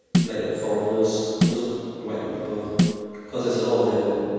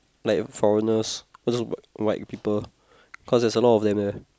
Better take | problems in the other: second | background sound (Snare drum); 2 dB below the speech // room echo; dies away in 2.1 s

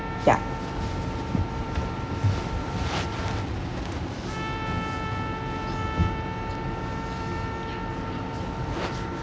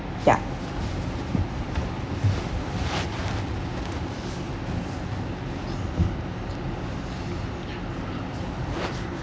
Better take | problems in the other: second | background sound (Trumpet); 8 dB below the speech

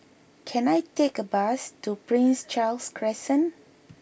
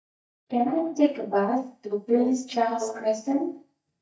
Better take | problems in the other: first | noise reduction (neural mask model DeepFilterNet 3)

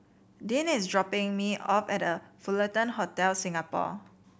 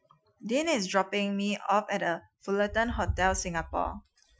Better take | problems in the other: first | noise reduction (classical method Wiener filter)

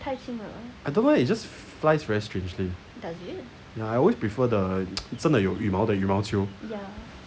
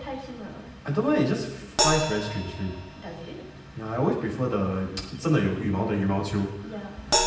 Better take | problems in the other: first | background sound (Crash cymbal); 6 dB below the speech // room echo; dies away in 0.8 s

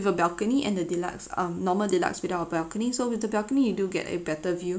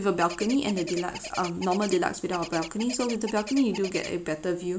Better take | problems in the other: first | background sound (Bird); 12 dB below the speech

